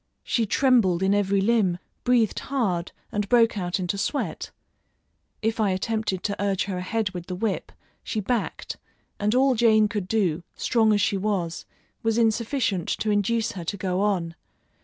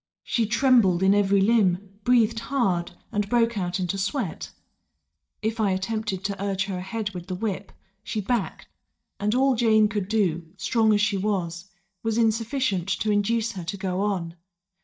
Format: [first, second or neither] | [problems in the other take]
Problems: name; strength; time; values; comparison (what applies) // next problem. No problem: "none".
first | noise reduction (neural mask model DeepFilterNet 3)